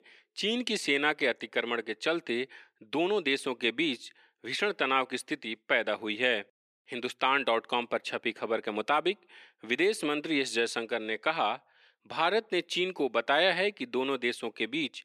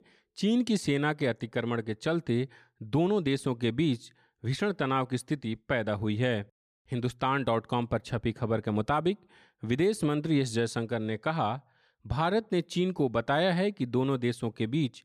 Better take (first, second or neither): second